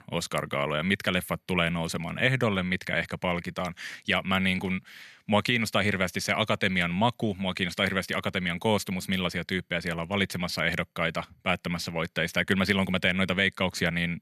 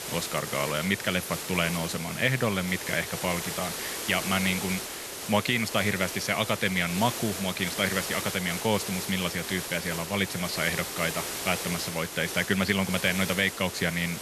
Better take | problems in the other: first | hiss; loud; throughout; 5 dB below the speech

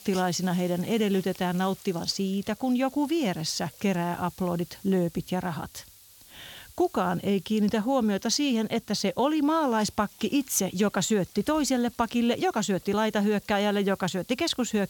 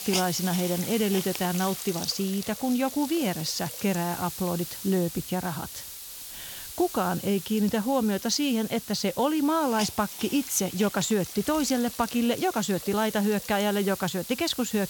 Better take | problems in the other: first | hiss; loud; throughout; 9 dB below the speech; faint in the first

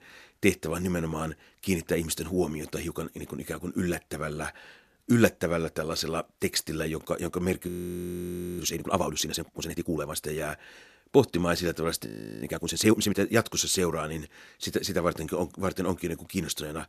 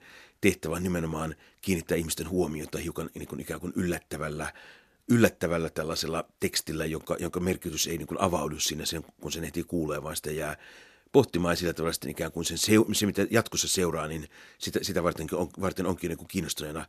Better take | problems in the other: second | audio freezing; at 7.5 s for 1 s and at 12 s

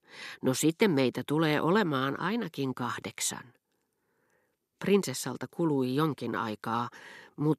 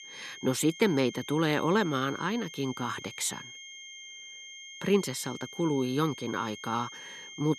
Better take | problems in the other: first | high-pitched whine; noticeable; throughout; 3 kHz, 15 dB below the speech

